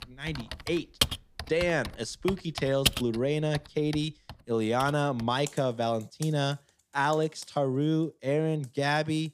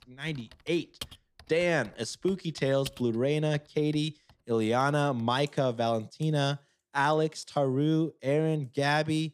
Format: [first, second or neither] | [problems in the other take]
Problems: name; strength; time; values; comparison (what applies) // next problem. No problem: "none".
second | household noises; loud; throughout; 5 dB below the speech; faint in the second